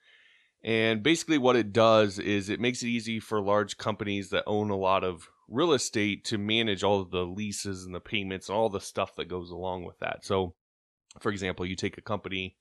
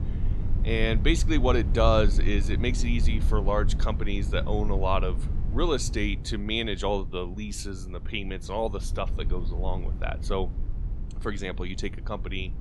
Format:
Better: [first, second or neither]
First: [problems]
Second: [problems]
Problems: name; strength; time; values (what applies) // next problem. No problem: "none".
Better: first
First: none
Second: low rumble; noticeable; throughout; 15 dB below the speech